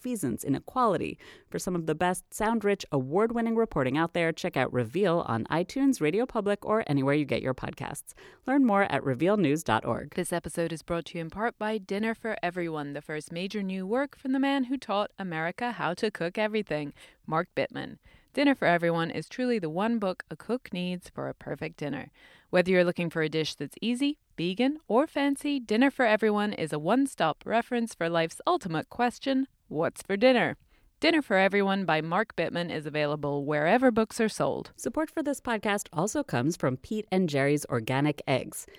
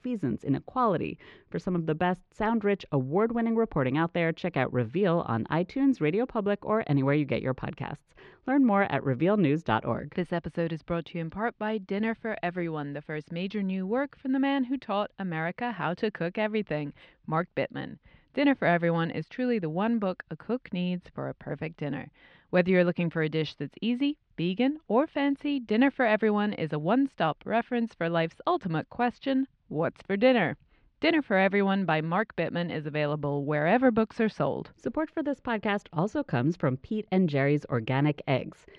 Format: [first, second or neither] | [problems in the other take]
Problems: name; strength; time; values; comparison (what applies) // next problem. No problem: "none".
first | muffled; slightly; fading above 3.5 kHz